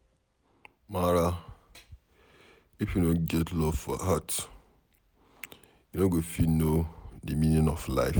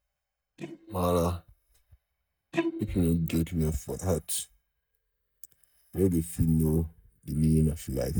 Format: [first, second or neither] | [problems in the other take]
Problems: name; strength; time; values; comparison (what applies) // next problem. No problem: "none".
first | noise reduction (neural mask model DeepFilterNet 3)